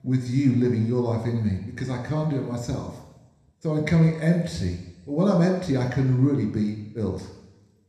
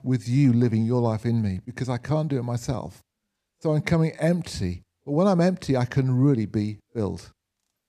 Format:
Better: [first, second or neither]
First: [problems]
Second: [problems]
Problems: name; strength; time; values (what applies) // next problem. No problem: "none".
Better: second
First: room echo; noticeable; dies away in 1 s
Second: none